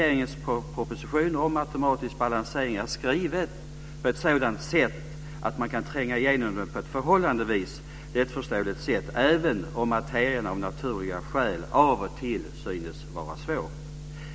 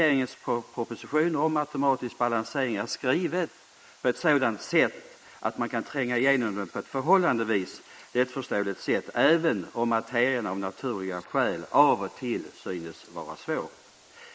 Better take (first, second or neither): first